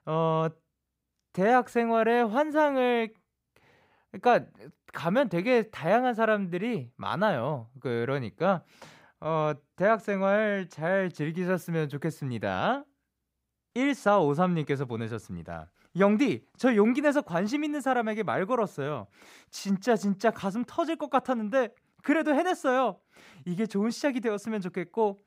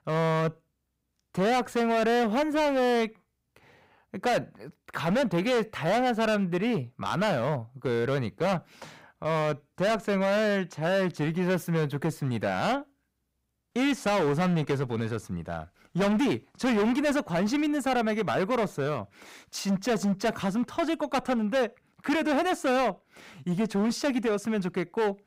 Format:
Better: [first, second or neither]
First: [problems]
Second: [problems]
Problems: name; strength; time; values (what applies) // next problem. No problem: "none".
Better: first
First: none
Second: distortion; heavy; 16% of the sound clipped